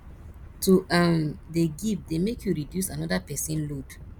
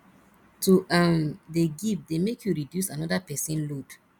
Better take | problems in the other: second | background sound (Animal); 17 dB below the speech

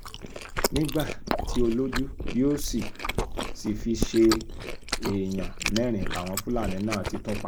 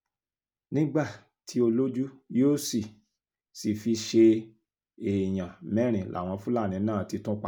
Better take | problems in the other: second | noise reduction (neural mask model Resemble Enhance denoiser)

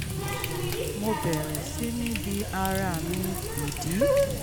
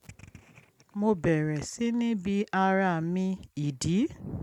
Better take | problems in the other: second | background sound (Water tap, faucet); 3 dB above the speech

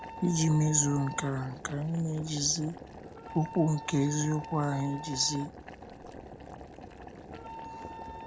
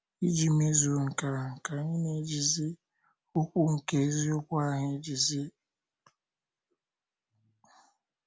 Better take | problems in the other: second | background sound (Wind instrument, woodwind instrument + Boiling); 12 dB below the speech

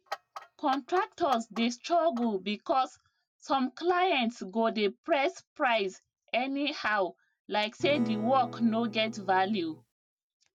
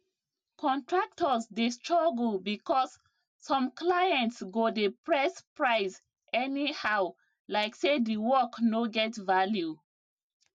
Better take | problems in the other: second | background sound (Clock + Acoustic guitar / Strum); 13 dB below the speech

